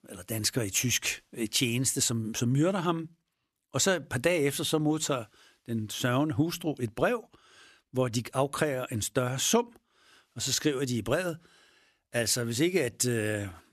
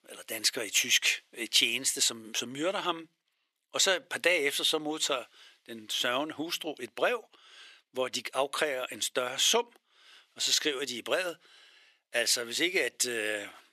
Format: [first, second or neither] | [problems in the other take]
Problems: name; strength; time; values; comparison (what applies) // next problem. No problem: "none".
first | thin; somewhat; fading below 500 Hz